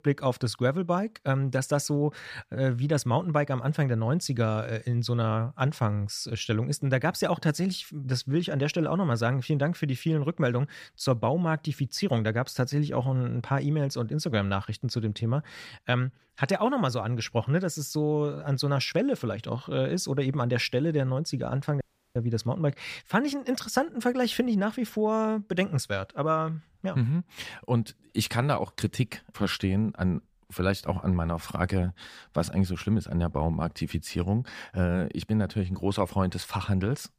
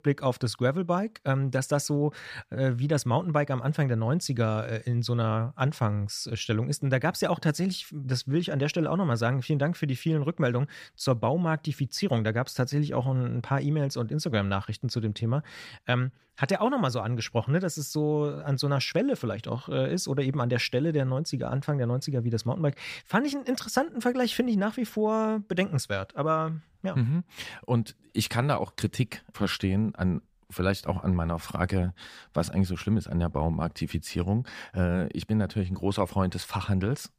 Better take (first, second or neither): second